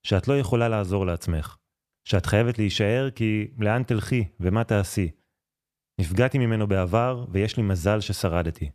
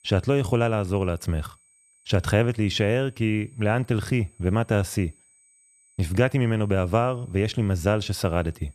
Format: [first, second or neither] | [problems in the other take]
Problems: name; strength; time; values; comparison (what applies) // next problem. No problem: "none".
first | high-pitched whine; faint; throughout; 8 kHz, 30 dB below the speech